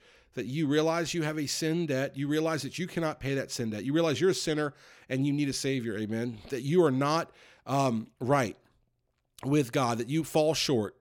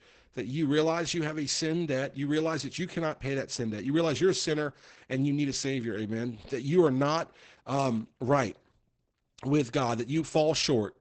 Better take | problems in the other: first | garbled, watery; badly; nothing above 8 kHz

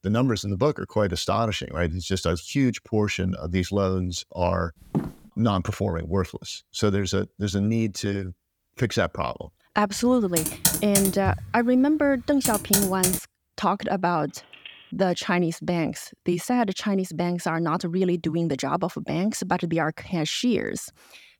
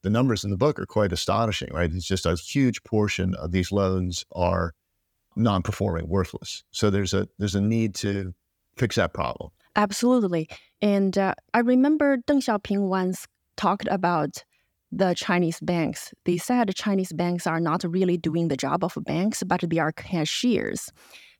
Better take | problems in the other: second | footsteps; noticeable; at 5 s; peak 5 dB below the speech // keyboard typing; loud; from 10 to 13 s; peak 4 dB above the speech // phone ringing; faint; at 14 s; peak 20 dB below the speech

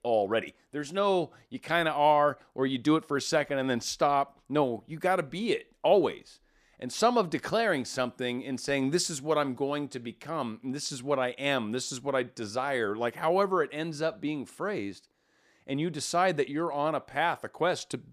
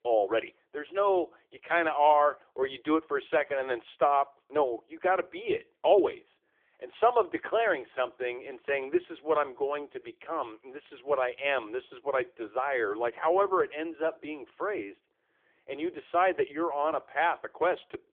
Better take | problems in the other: first | phone-call audio; poor line; nothing above 3.5 kHz

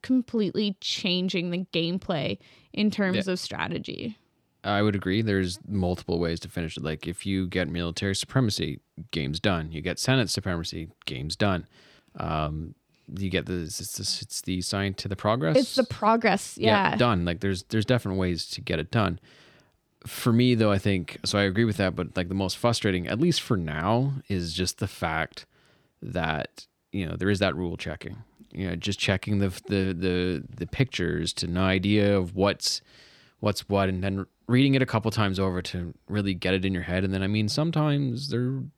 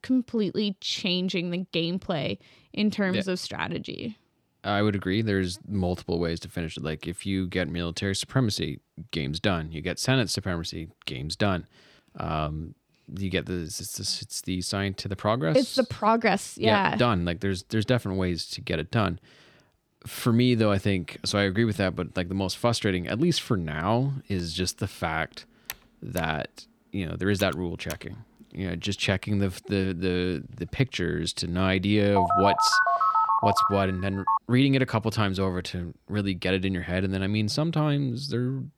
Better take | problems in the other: first | keyboard typing; faint; from 24 to 28 s; peak 15 dB below the speech // phone ringing; loud; from 32 to 34 s; peak 6 dB above the speech

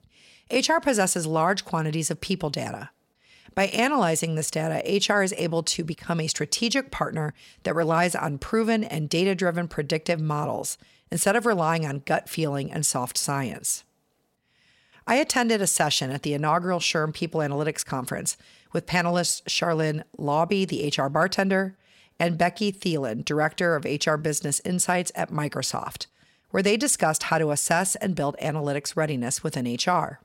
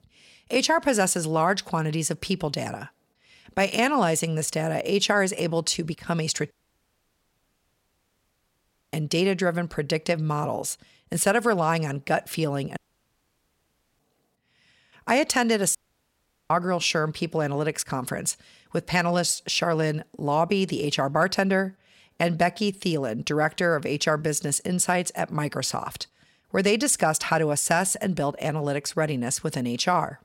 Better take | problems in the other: first | audio cutting out; at 6.5 s for 2.5 s, at 13 s for 1 s and at 16 s for 1 s

